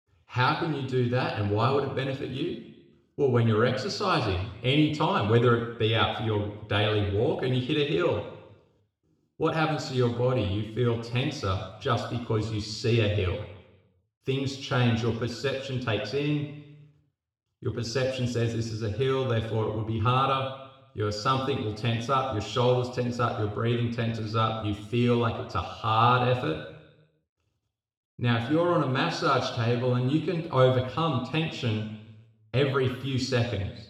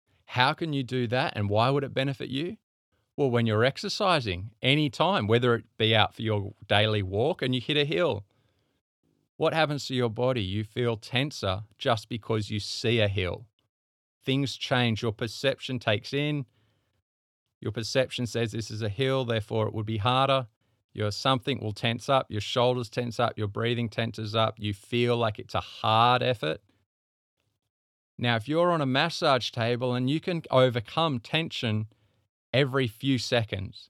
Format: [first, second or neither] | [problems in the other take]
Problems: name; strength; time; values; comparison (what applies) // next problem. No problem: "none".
second | room echo; noticeable; dies away in 0.9 s // off-mic speech; somewhat distant